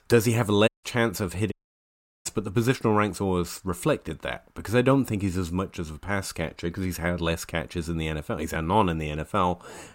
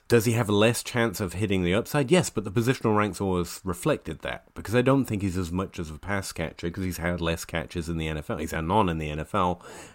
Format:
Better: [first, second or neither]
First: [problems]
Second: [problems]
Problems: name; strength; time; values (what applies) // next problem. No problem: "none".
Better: second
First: audio cutting out; at 0.5 s and at 1.5 s for 0.5 s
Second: none